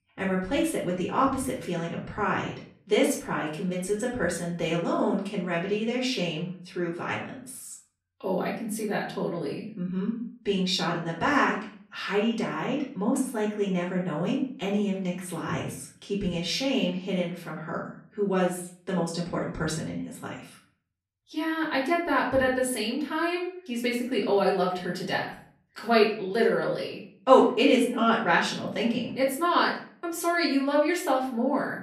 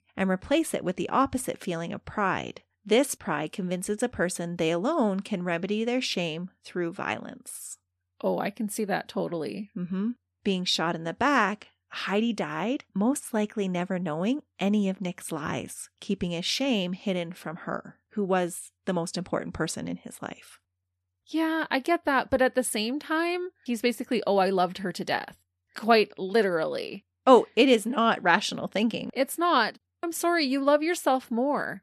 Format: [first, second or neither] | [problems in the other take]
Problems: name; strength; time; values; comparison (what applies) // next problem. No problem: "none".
second | off-mic speech; far // room echo; slight; dies away in 0.4 s